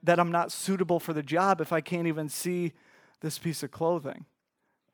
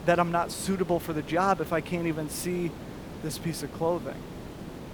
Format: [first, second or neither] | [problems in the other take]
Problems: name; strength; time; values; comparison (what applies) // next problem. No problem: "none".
first | hiss; noticeable; throughout; 10 dB below the speech